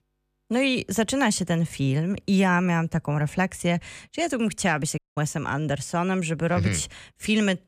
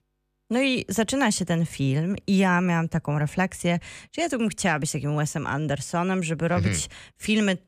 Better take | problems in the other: second | audio cutting out; at 5 s

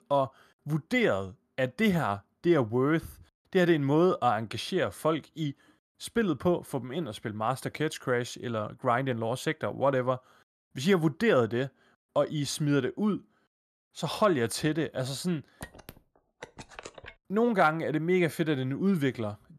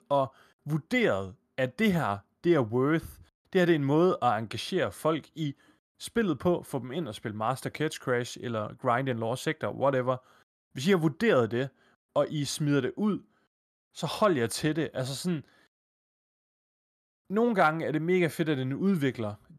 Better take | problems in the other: second | phone ringing; faint; from 16 to 17 s; peak 15 dB below the speech

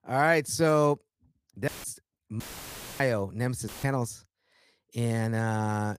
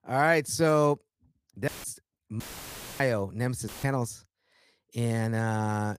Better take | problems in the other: neither | audio cutting out; filled with static; at 1.5 s, at 2.5 s for 0.5 s and at 3.5 s; the same in both

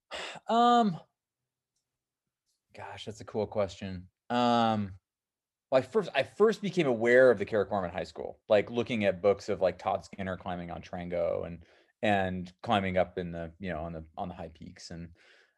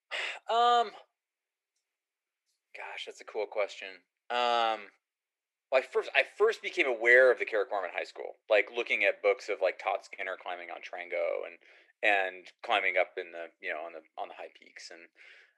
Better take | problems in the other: first | thin; very; fading below 350 Hz

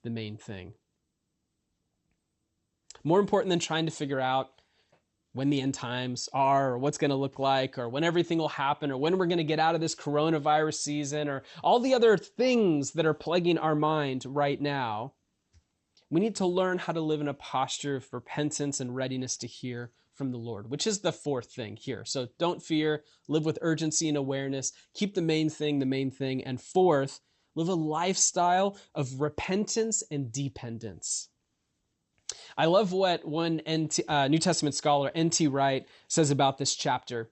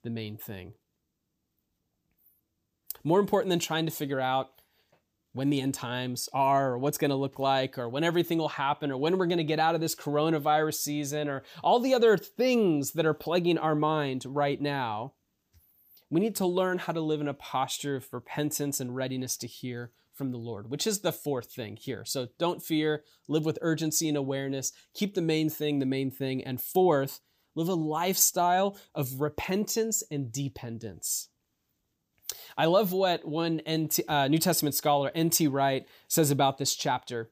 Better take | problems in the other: second | garbled, watery; slightly; nothing above 8 kHz

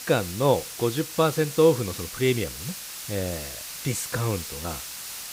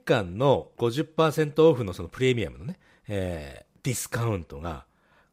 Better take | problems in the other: second | hiss; loud; throughout; 9 dB below the speech

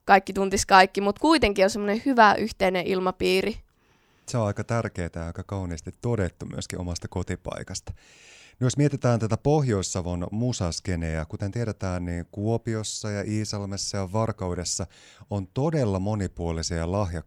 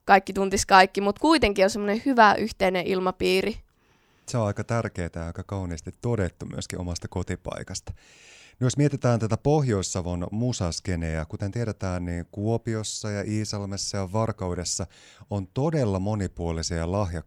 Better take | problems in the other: neither | none

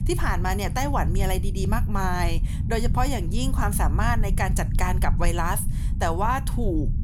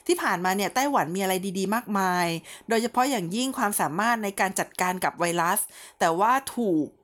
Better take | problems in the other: second | low rumble; noticeable; throughout; 15 dB below the speech

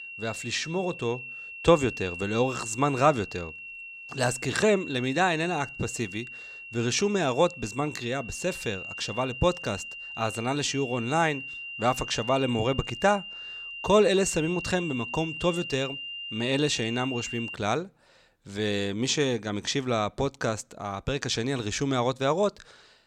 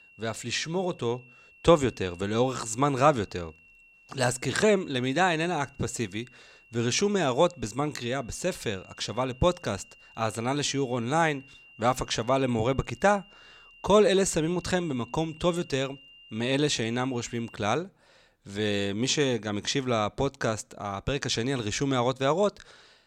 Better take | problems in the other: second | high-pitched whine; loud; until 18 s; 3 kHz, 9 dB below the speech; faint in the second

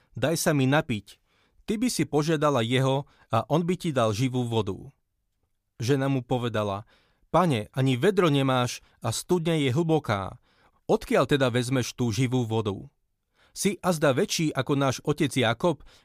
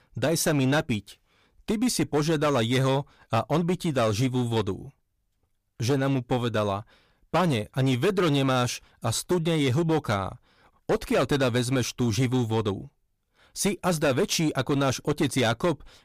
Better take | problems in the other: first | distortion; slight; 9% of the sound clipped

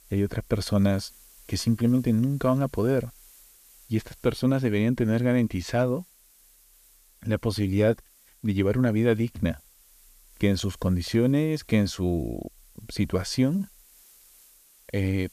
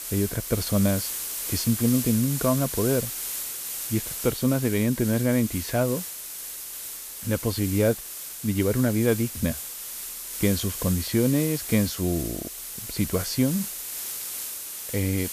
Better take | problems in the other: first | hiss; loud; throughout; 6 dB below the speech; faint in the first

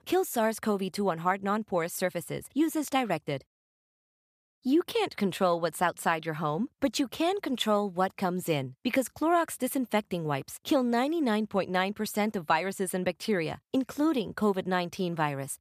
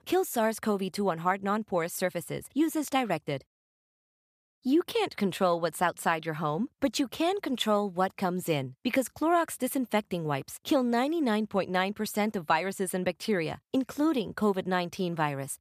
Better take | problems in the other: neither | none

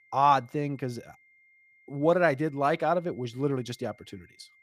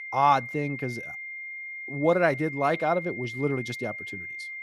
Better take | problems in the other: first | high-pitched whine; loud; throughout; 2 kHz, 9 dB below the speech; faint in the first

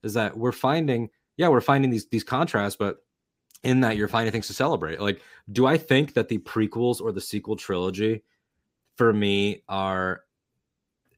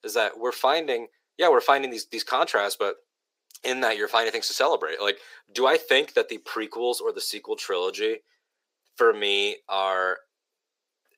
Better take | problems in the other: first | thin; very; fading below 450 Hz

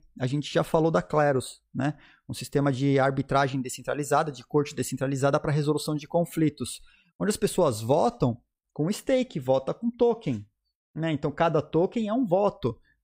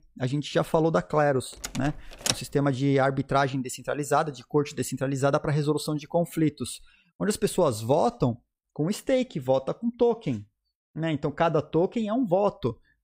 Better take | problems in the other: first | door banging; noticeable; at 1.5 s; peak 2 dB below the speech

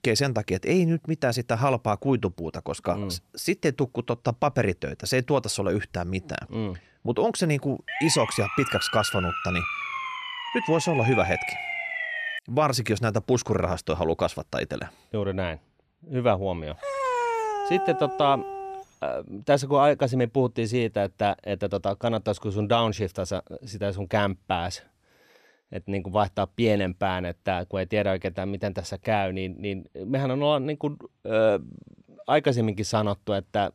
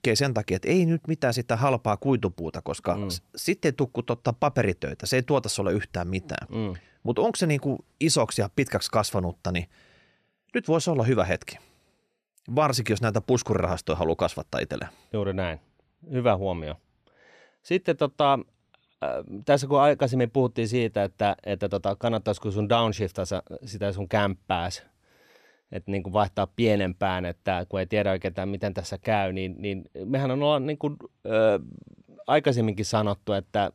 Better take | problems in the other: second | siren; noticeable; from 8 to 12 s; peak 1 dB below the speech // dog barking; loud; from 17 to 19 s; peak 1 dB above the speech

